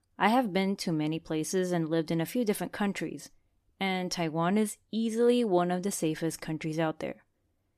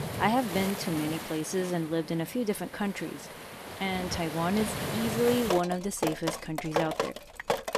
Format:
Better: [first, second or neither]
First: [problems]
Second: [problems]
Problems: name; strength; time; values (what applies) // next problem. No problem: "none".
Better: first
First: none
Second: rain or running water; loud; throughout; 5 dB below the speech